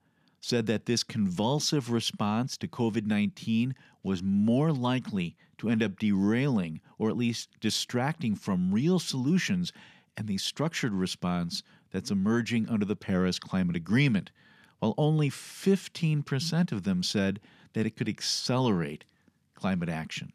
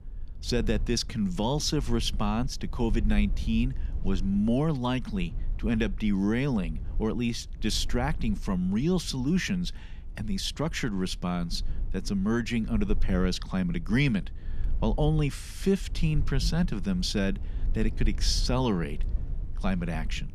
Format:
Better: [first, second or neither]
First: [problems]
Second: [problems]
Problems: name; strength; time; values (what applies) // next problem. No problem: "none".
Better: first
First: none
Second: low rumble; faint; throughout; 20 dB below the speech